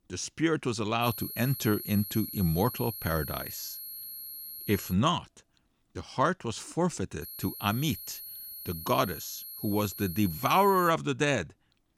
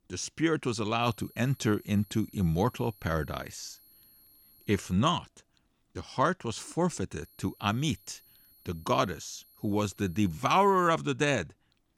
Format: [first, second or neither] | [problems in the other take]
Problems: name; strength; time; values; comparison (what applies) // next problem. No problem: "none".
second | high-pitched whine; loud; from 1 to 5 s and from 7 to 11 s; 11.5 kHz, 10 dB below the speech; faint in the second